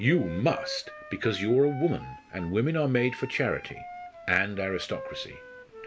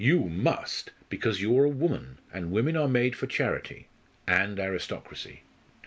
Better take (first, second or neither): second